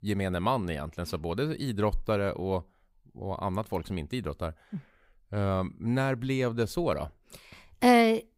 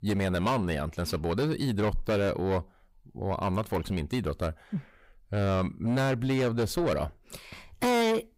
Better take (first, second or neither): first